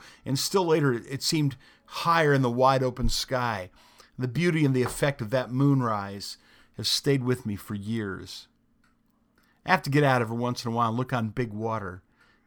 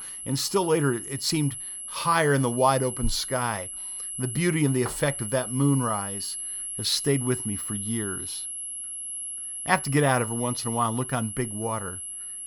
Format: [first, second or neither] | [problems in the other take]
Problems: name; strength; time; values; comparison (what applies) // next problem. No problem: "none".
first | high-pitched whine; loud; throughout; 11 kHz, 6 dB below the speech